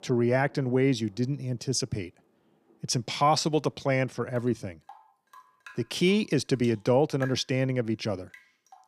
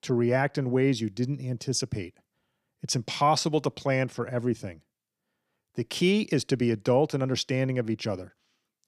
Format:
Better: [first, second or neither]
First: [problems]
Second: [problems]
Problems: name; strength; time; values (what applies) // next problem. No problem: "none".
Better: second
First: rain or running water; faint; throughout; 25 dB below the speech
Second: none